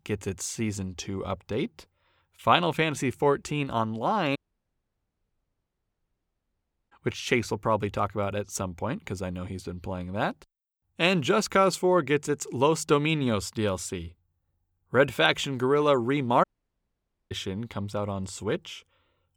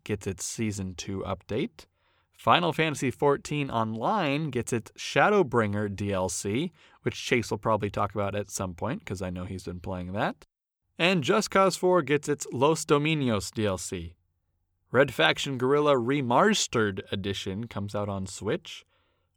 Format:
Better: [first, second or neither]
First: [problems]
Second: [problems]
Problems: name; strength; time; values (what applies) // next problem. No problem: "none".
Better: second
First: audio cutting out; at 4.5 s for 2.5 s and at 16 s for 1 s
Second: none